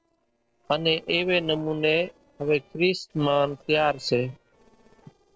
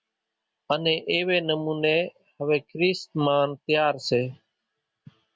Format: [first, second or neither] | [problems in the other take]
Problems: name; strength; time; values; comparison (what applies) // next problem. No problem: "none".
second | noise reduction (neural separator model SepFormer DNS4)